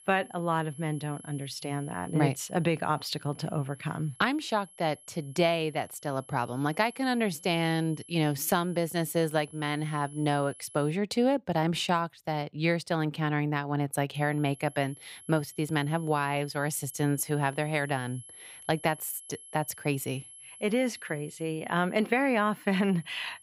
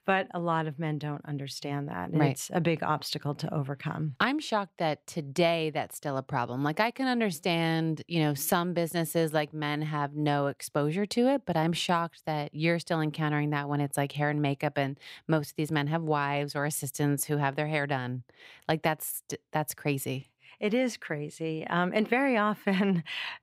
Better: second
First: high-pitched whine; noticeable; until 11 s and from 14 s on; 11 kHz, 20 dB below the speech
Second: none

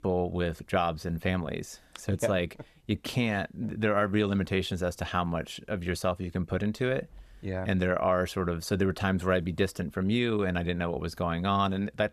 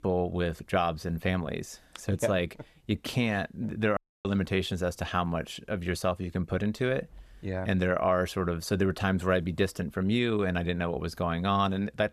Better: first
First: none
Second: audio cutting out; at 4 s

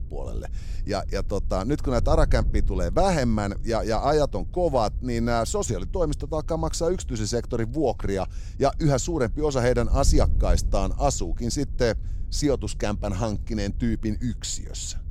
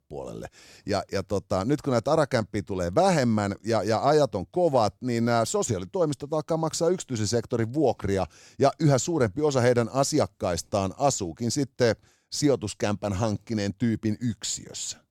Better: second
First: wind noise on the microphone; occasional gusts; 25 dB below the speech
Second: none

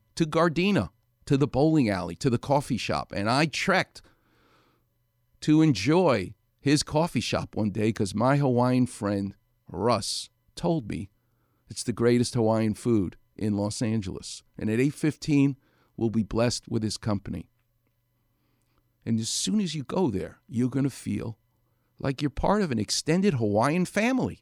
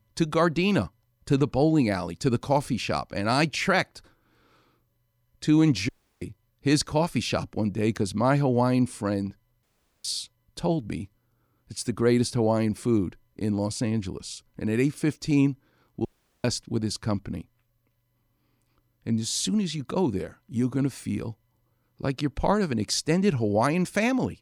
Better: first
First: none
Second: audio cutting out; at 6 s, at 9.5 s and at 16 s

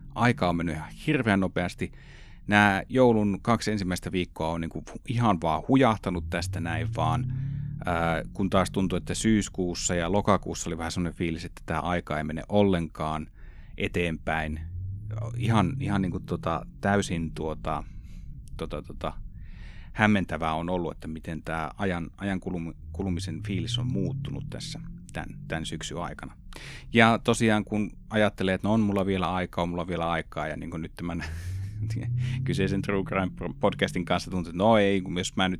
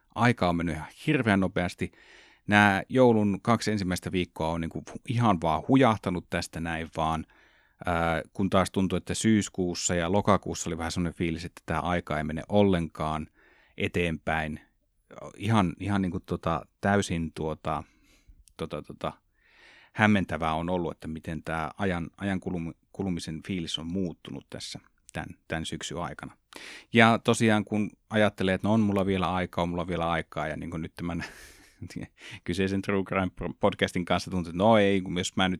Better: second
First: low rumble; faint; throughout; 20 dB below the speech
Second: none

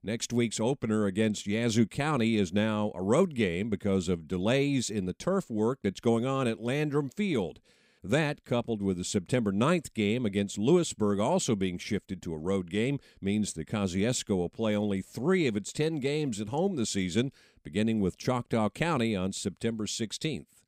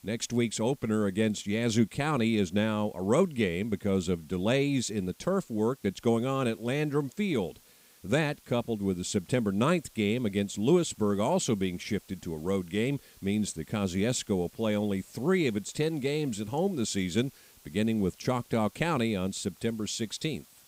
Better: first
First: none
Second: hiss; faint; throughout; 25 dB below the speech

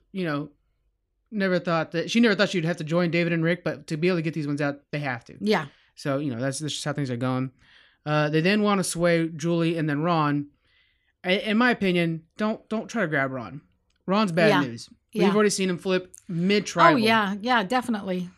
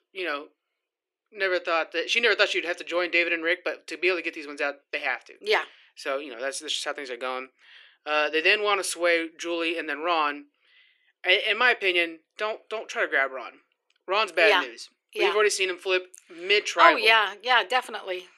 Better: first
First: none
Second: thin; very; fading below 350 Hz

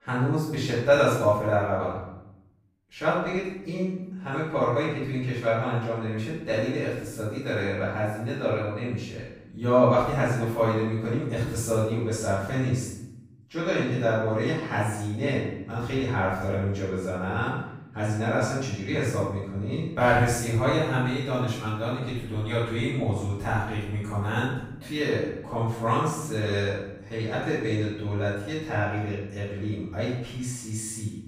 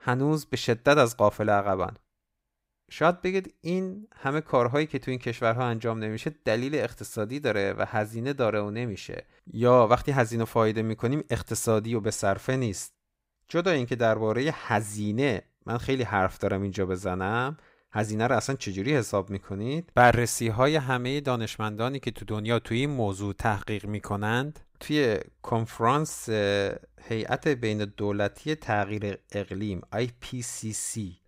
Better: second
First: room echo; strong; dies away in 0.7 s // off-mic speech; far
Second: none

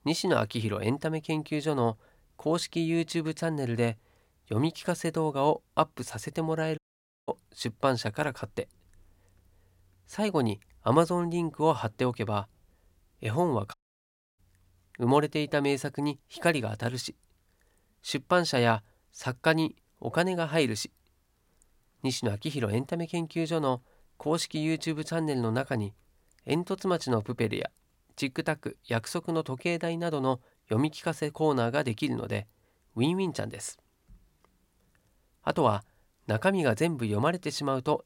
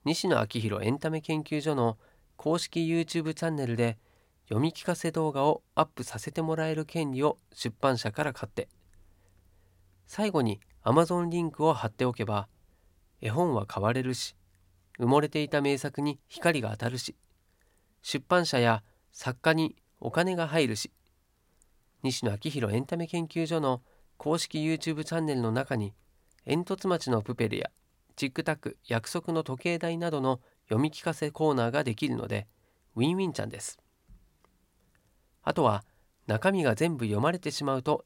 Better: second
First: audio cutting out; at 7 s and at 14 s for 0.5 s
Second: none

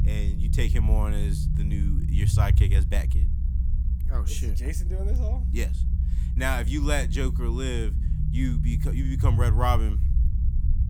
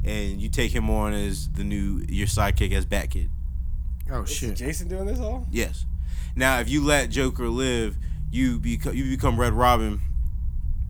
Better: second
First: low rumble; loud; throughout; 8 dB below the speech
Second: low rumble; faint; throughout; 20 dB below the speech

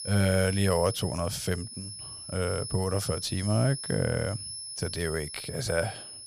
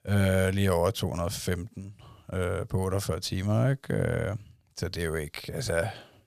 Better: second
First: high-pitched whine; loud; throughout; 10.5 kHz, 8 dB below the speech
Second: none

